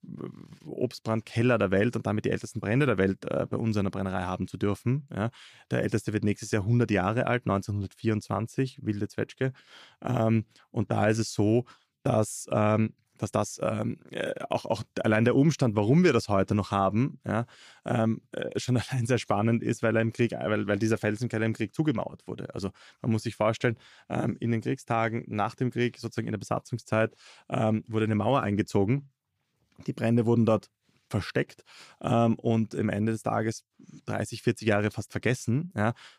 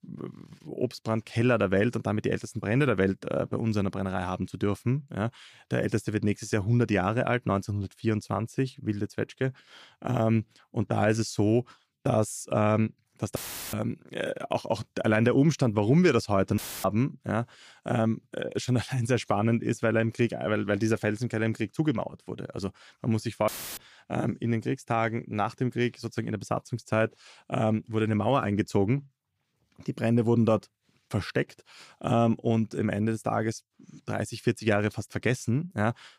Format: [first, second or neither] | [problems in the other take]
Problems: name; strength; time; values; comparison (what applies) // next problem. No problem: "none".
first | audio cutting out; filled with static; at 13 s, at 17 s and at 23 s